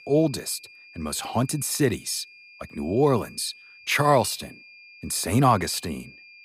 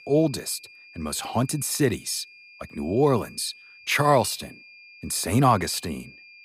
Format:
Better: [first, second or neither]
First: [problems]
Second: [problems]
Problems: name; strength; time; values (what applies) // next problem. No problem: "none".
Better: neither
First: high-pitched whine; faint; throughout; 2.5 kHz, 20 dB below the speech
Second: high-pitched whine; faint; throughout; 2.5 kHz, 20 dB below the speech